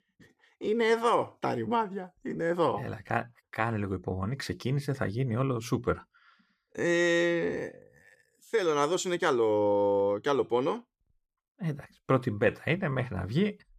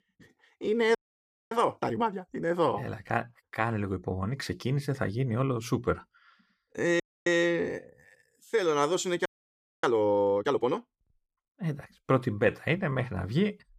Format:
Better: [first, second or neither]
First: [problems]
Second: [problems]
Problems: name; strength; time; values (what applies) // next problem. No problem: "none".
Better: first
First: none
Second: audio freezing; at 1 s for 0.5 s, at 7 s and at 9.5 s for 0.5 s